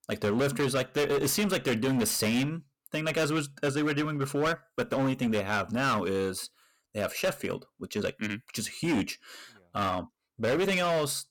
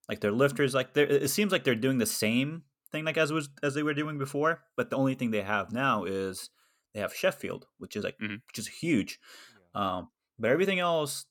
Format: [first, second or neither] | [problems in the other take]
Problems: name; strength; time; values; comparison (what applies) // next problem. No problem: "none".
second | distortion; heavy; 15% of the sound clipped